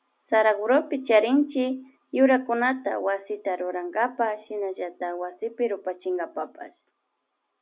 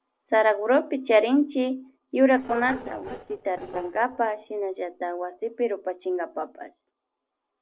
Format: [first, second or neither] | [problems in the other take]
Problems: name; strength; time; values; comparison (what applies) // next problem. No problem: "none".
first | noise reduction (neural separator model SepFormer DNS4)